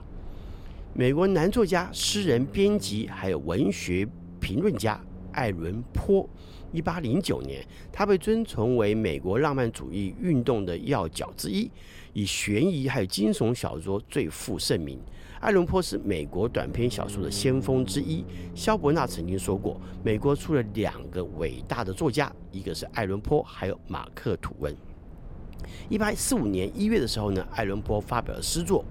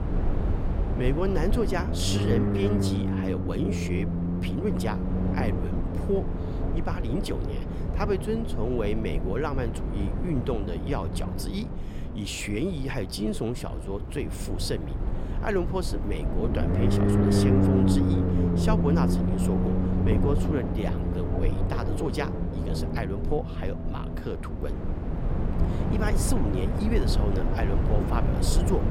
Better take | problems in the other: first | low rumble; loud; throughout; 1 dB below the speech; faint in the first

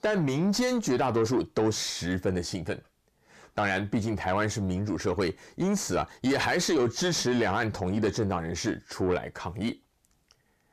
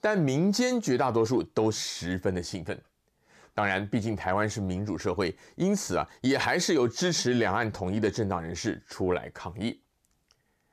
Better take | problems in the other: second | distortion; slight; 10 dB below the speech

